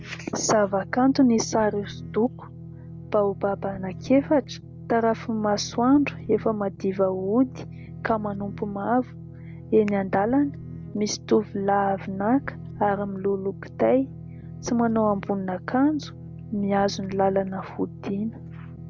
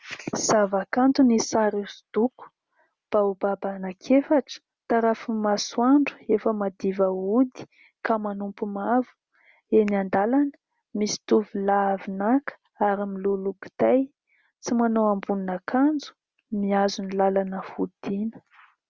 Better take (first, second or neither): second